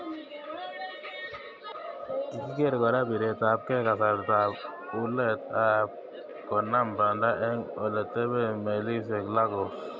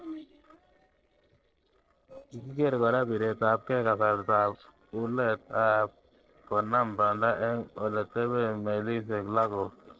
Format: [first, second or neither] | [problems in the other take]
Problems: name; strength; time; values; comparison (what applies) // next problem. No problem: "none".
first | noise reduction (neural separator model SepFormer DNS4)